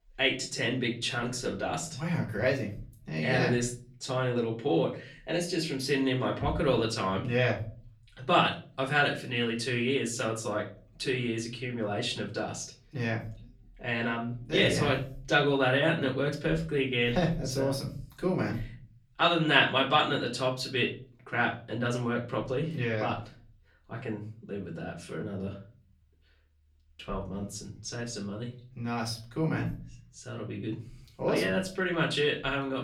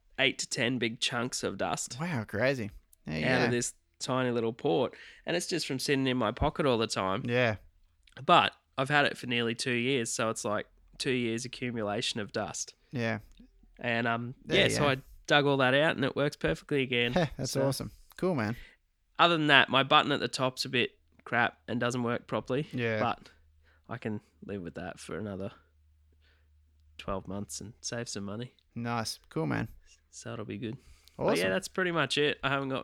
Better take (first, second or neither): second